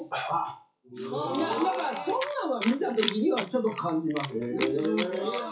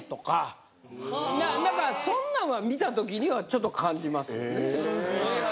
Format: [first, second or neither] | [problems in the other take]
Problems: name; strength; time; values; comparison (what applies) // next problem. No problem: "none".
second | noise reduction (classical method WPE with log-MMSE)